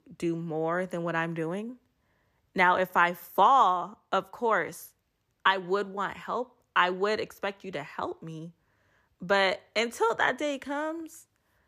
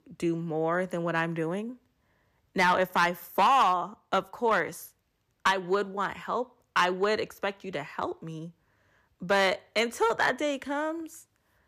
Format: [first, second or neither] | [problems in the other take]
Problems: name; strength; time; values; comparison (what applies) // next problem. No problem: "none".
first | distortion; slight; 1.8% of the sound clipped